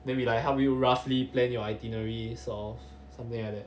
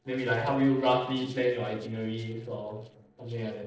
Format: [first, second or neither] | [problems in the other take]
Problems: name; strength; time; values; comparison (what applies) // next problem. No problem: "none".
first | noise reduction (neural separator model SepFormer DNS4)